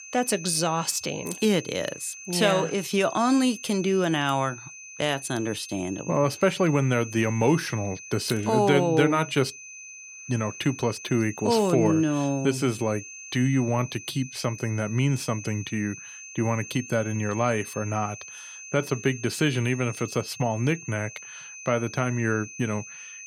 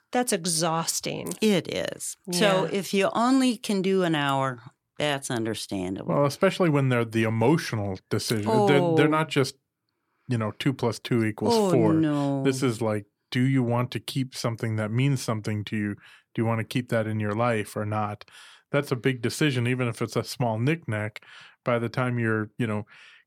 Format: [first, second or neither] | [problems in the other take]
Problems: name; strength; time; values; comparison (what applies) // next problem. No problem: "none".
second | high-pitched whine; noticeable; throughout; 6.5 kHz, 15 dB below the speech